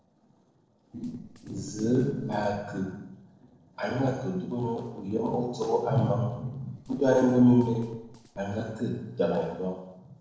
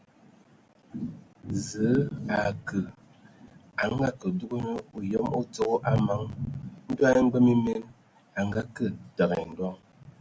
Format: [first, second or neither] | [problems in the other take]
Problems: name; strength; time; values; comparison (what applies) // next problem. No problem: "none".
second | noise reduction (neural separator model SepFormer DNS4)